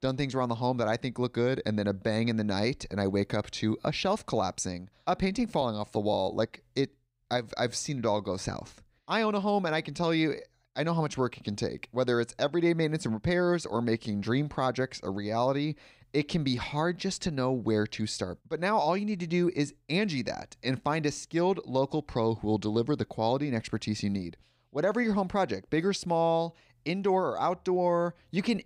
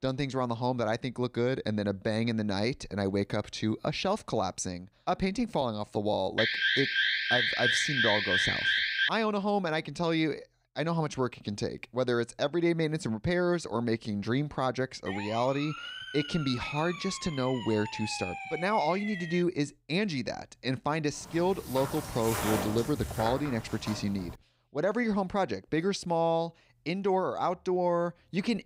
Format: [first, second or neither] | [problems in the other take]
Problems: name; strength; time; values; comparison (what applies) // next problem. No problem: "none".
first | alarm; loud; from 6.5 to 9 s; peak 6 dB above the speech // siren; noticeable; from 15 to 19 s; peak 6 dB below the speech // footsteps; noticeable; from 21 to 24 s; peak level with the speech